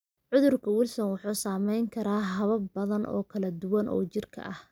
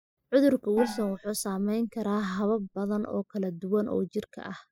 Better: first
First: none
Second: noise reduction (classical method spectral subtraction)

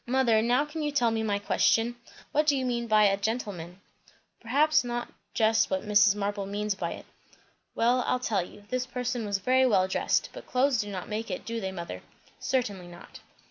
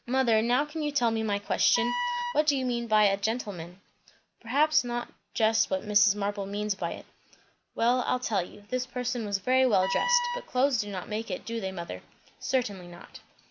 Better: first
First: none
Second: background sound (Wind instrument, woodwind instrument); 5 dB below the speech

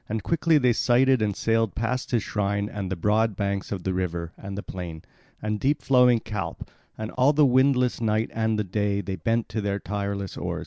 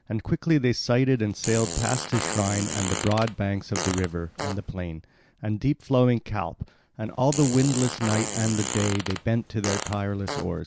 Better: first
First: none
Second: background sound (Fart); 7 dB below the speech

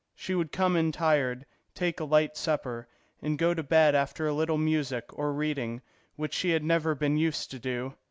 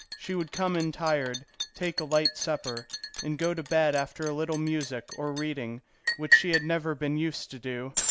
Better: first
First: none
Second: background sound (Liquid); 3 dB below the speech

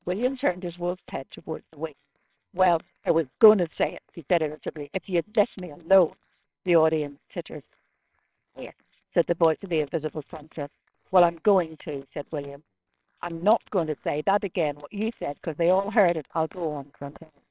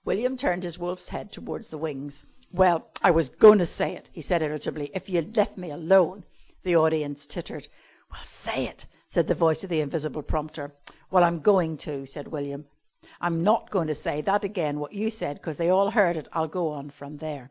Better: second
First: noise reduction (neural separator model SepFormer WHAMR!)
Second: none

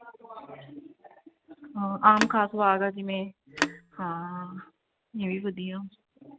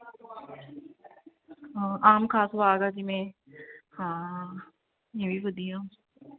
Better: second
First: background sound (Telephone); 6 dB below the speech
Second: none

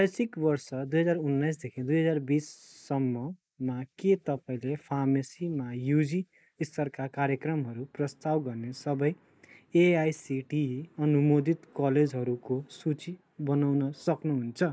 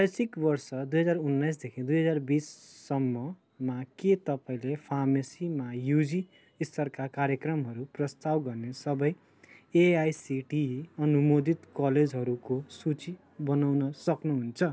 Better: second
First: noise reduction (neural mask model Resemble Enhance denoiser)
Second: none

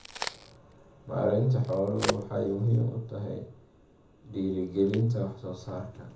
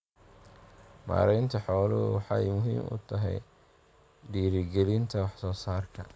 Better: second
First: background sound (Crack); 12 dB below the speech // room echo; dies away in 0.6 s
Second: none

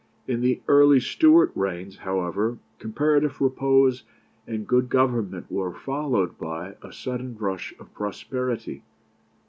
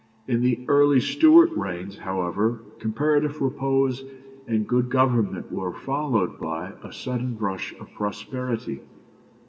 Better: first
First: none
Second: room echo; dies away in 2.4 s

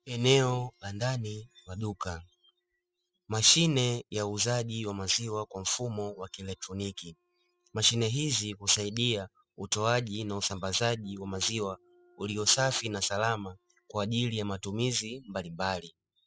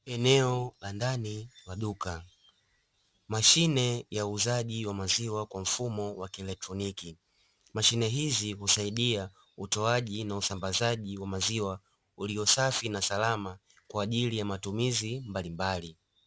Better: second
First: noise reduction (classical method spectral subtraction)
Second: none

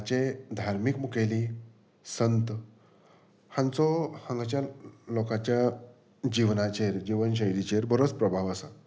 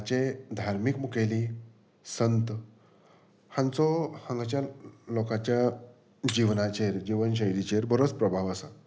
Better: first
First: none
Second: background sound (Shatter); 19 dB below the speech

